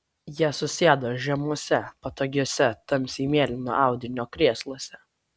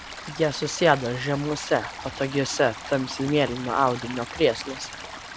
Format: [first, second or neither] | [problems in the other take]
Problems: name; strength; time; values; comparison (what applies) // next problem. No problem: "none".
first | background sound (Stream); 13 dB below the speech